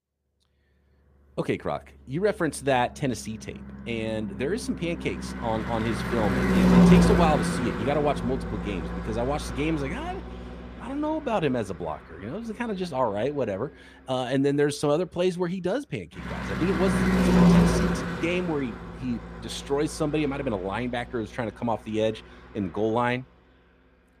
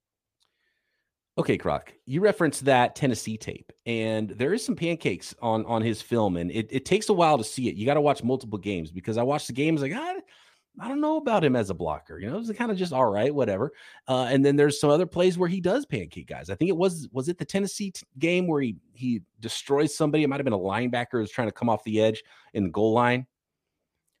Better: second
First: traffic noise; very loud; throughout; 3 dB above the speech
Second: none

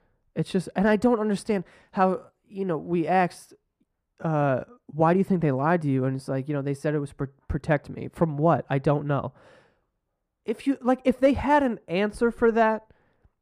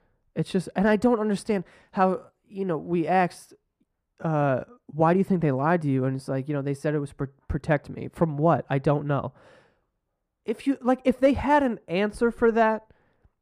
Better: neither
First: muffled; slightly; fading above 2 kHz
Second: muffled; slightly; fading above 2 kHz

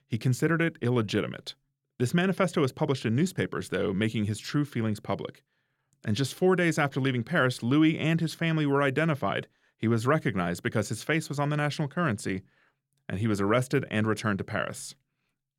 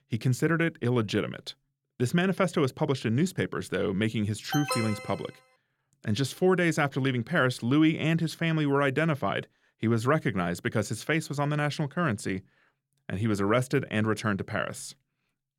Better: first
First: none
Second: alarm; noticeable; at 4.5 s; peak 3 dB below the speech

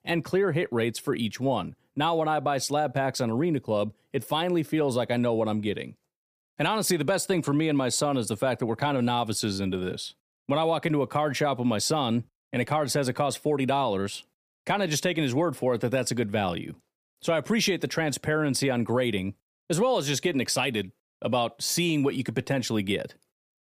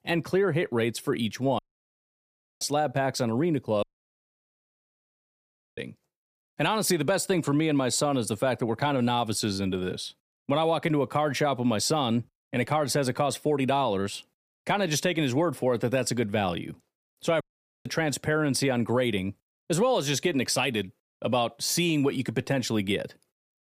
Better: first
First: none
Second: audio cutting out; at 1.5 s for 1 s, at 4 s for 2 s and at 17 s

